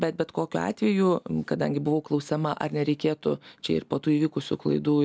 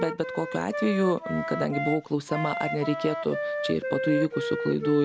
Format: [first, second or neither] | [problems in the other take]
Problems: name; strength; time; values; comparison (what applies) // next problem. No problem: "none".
first | background sound (Wind instrument, woodwind instrument); 4 dB below the speech